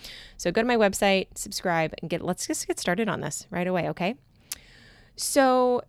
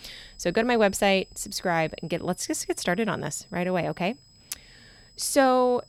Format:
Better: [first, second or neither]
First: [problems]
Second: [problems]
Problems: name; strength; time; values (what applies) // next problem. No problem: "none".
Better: first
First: none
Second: high-pitched whine; faint; throughout; 5 kHz, 30 dB below the speech